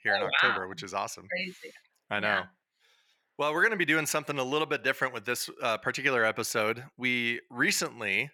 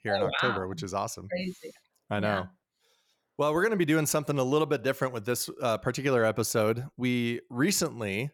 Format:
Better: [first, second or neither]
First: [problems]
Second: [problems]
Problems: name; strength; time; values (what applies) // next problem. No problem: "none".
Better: second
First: thin; somewhat; fading below 450 Hz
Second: none